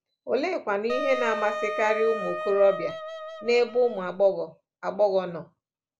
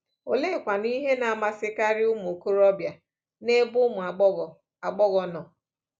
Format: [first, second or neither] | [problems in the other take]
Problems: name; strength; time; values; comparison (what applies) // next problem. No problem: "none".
second | background sound (Wind instrument, woodwind instrument); 7 dB below the speech